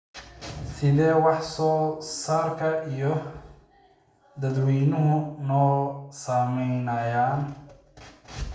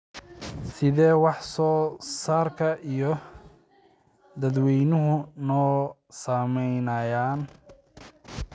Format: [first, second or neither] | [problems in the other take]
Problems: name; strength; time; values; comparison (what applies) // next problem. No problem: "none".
second | room echo; dies away in 0.6 s